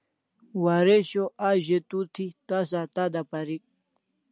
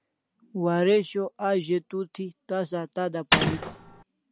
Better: first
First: none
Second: background sound (Mechanisms); 3 dB above the speech

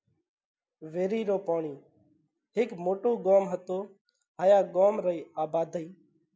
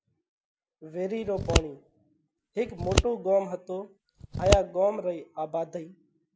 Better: first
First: none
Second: background sound (Scissors); 1 dB above the speech

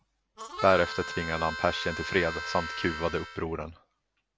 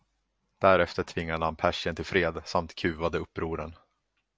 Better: second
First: background sound (Harmonica); 7 dB below the speech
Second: none

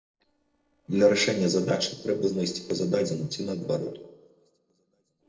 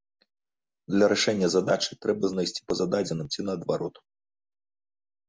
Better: second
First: noise reduction (neural separator model SepFormer DNS4)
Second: none

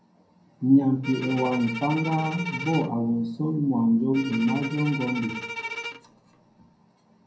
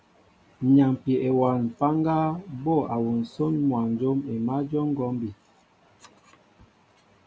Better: second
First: background sound (Bowed string instrument); 11 dB below the speech // room echo; dies away in 0.5 s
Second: none

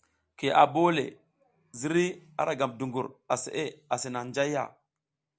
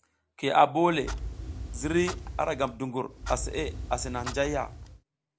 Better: first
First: none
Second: background sound (Clock); 8 dB below the speech

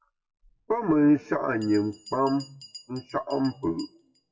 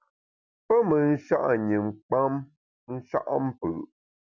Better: second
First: noise reduction (classical method WPE with log-MMSE)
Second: none

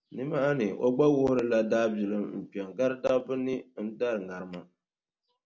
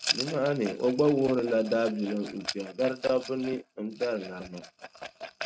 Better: first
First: none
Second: noise reduction (neural mask model RNNoise)

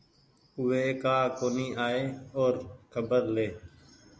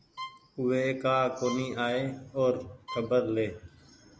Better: first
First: none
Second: background sound (Bowed string instrument); 17 dB below the speech

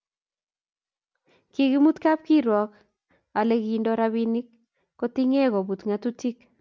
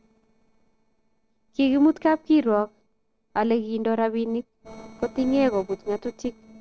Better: first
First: none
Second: noise reduction (neural separator model SepFormer DNS4)

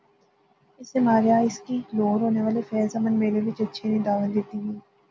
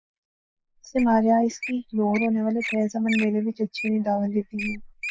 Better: first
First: none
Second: noise reduction (neural mask model Resemble Enhance denoiser)

